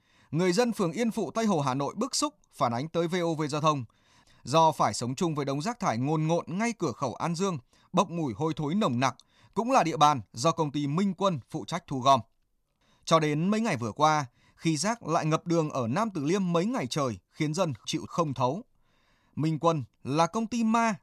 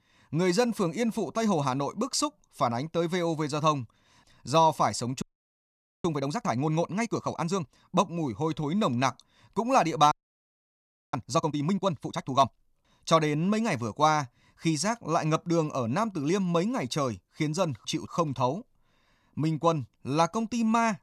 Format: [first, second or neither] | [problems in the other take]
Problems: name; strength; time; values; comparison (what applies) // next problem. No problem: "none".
first | audio freezing; at 5 s for 1 s and at 10 s for 1 s